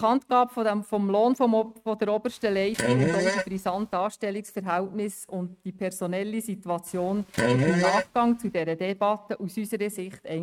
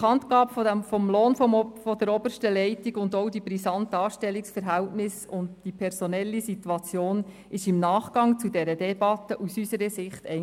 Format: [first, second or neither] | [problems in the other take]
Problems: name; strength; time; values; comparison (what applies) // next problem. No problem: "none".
second | noise reduction (neural mask model RNNoise)